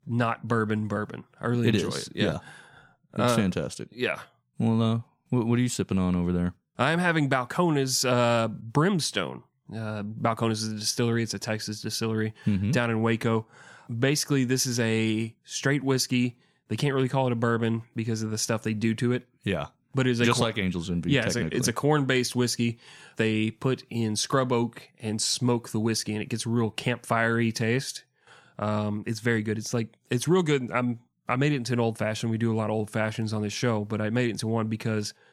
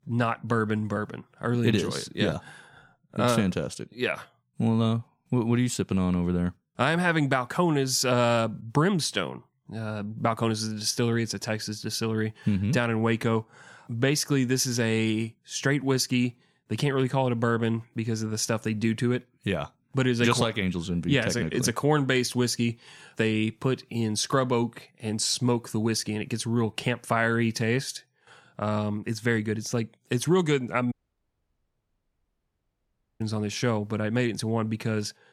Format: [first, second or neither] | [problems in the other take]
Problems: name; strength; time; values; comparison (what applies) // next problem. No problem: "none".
first | audio cutting out; at 31 s for 2.5 s